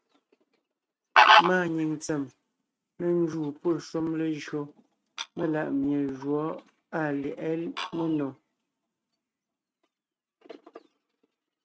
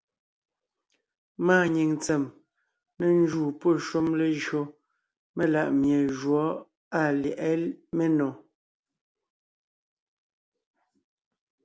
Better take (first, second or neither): second